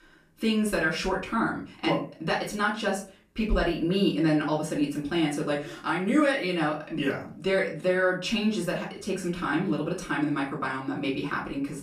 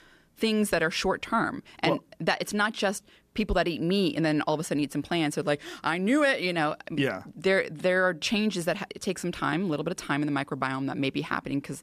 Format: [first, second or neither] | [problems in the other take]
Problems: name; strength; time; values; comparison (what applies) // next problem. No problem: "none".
second | off-mic speech; far // room echo; slight; dies away in 0.3 s